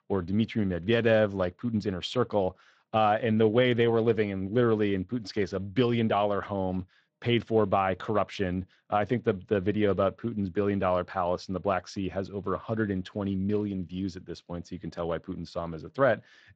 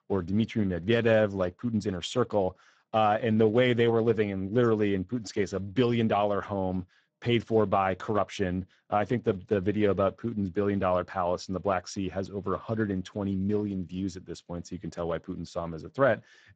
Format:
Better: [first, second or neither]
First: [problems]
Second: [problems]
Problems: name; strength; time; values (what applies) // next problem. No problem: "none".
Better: first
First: garbled, watery; slightly; nothing above 7.5 kHz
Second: garbled, watery; badly; nothing above 7.5 kHz